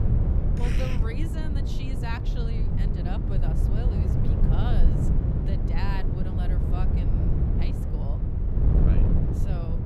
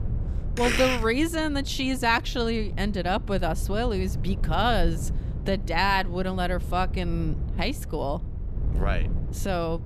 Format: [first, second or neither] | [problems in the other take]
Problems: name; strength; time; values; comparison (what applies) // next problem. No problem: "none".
second | wind noise on the microphone; heavy; 2 dB above the speech; occasional gusts in the second